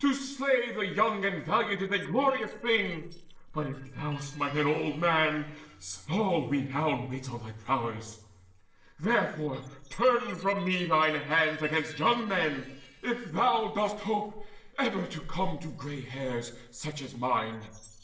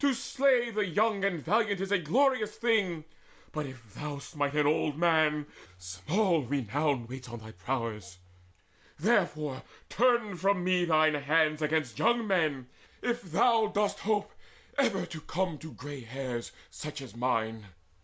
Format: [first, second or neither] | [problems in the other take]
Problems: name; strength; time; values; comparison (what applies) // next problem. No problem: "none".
second | noise reduction (neural separator model SepFormer DNS4)